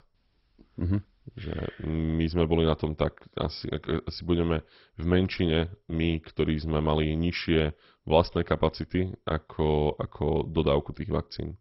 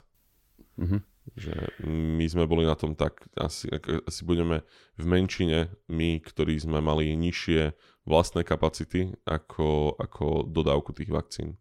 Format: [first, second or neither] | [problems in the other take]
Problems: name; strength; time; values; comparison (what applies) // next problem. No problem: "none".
second | garbled, watery; badly; nothing above 5.5 kHz